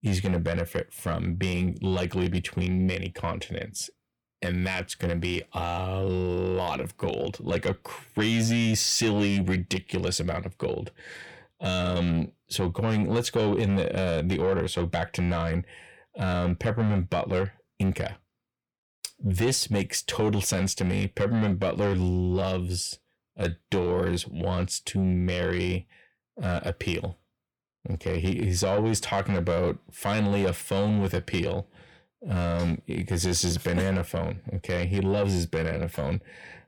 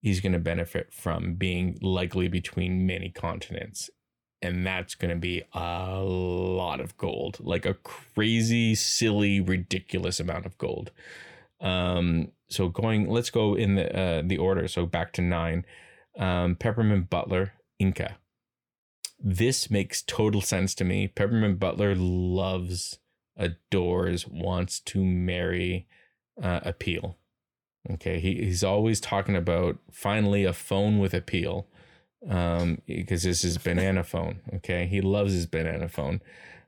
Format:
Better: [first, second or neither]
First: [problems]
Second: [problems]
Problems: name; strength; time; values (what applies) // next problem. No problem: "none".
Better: second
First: distortion; slight; 10 dB below the speech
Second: none